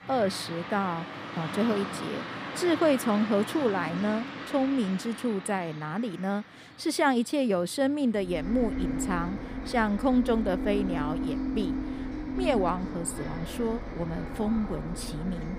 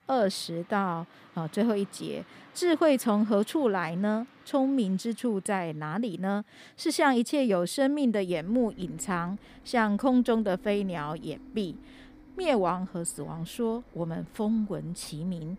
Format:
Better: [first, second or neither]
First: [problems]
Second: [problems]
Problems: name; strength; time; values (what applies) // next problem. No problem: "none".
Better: second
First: traffic noise; loud; throughout; 6 dB below the speech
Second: traffic noise; faint; throughout; 25 dB below the speech